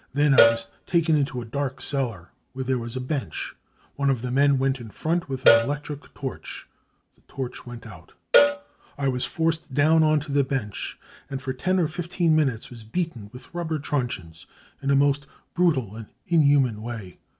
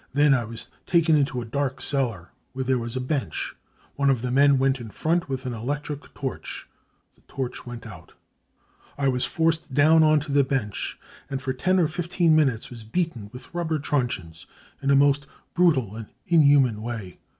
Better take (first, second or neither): second